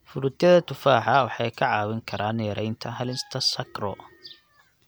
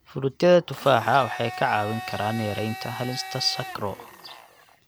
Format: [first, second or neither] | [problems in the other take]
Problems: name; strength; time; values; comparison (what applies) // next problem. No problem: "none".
first | background sound (Domestic sounds, home sounds); 13 dB below the speech